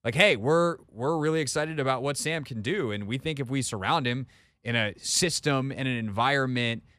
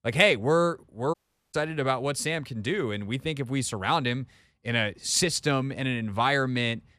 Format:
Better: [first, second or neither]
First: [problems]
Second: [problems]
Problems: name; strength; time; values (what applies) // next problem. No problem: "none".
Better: first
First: none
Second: audio cutting out; at 1 s